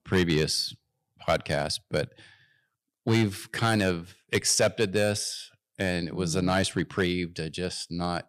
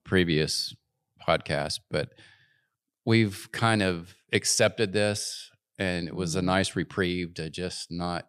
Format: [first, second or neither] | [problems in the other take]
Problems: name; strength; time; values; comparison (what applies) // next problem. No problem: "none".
second | distortion; slight; 2% of the sound clipped